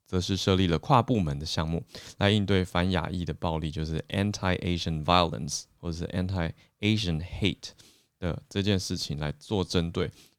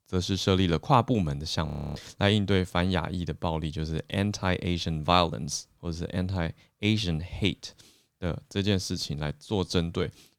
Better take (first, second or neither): first